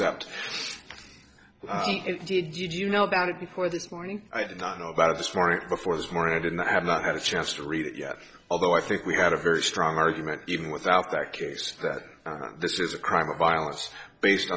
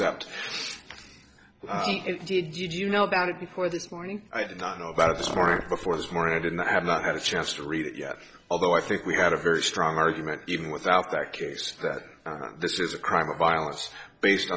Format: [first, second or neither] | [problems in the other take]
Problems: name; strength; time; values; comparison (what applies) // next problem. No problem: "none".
first | background sound (Car); 7 dB below the speech